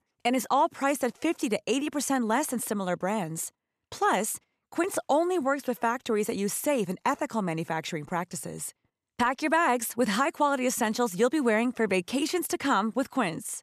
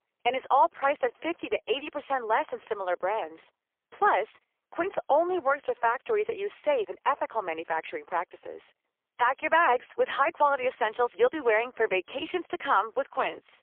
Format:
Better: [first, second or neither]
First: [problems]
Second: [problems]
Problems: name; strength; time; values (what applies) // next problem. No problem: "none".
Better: first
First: none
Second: phone-call audio; poor line; nothing above 3.5 kHz